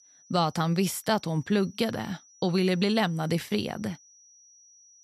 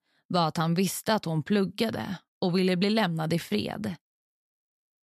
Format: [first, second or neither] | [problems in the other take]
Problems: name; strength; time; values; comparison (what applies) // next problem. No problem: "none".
second | high-pitched whine; faint; throughout; 6 kHz, 25 dB below the speech